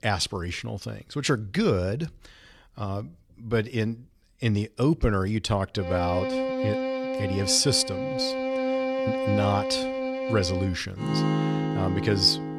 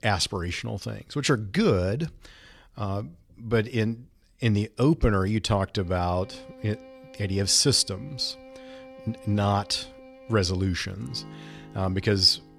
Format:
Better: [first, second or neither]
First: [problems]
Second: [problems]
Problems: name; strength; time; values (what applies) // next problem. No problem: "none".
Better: second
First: background music; loud; from 6 s on; 2 dB below the speech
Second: background music; faint; from 6 s on; 20 dB below the speech